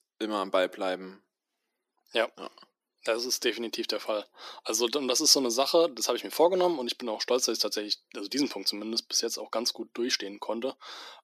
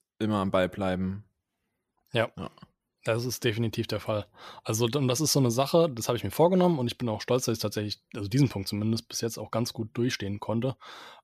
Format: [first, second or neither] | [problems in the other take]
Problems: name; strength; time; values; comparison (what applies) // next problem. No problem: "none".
second | thin; somewhat; fading below 250 Hz